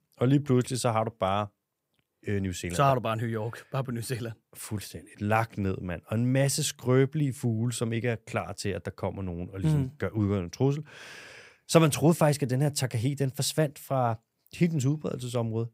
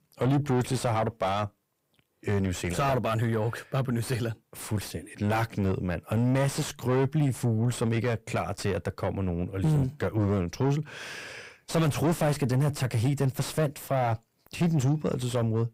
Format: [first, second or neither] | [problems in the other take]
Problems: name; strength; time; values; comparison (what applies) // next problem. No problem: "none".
first | distortion; heavy; 6 dB below the speech